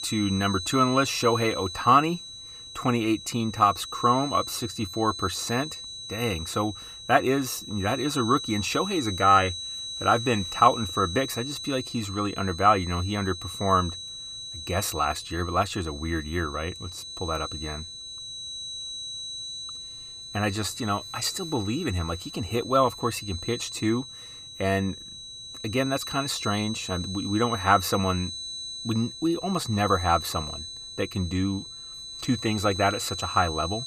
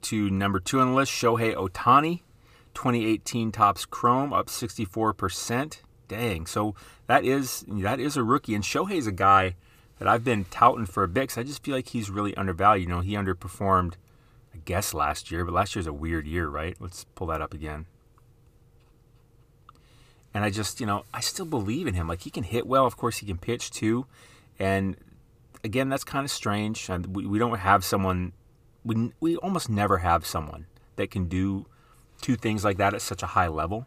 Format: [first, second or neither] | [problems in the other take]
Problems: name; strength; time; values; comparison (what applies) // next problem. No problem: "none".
second | high-pitched whine; loud; throughout; 4 kHz, 9 dB below the speech